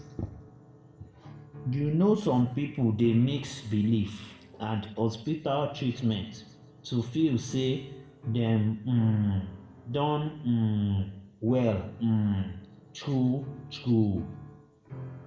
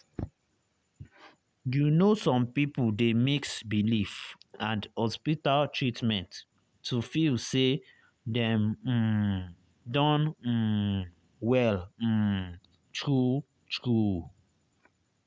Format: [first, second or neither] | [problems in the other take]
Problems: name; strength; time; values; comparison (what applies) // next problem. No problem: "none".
second | background sound (Piano); 18 dB below the speech // room echo; dies away in 0.6 s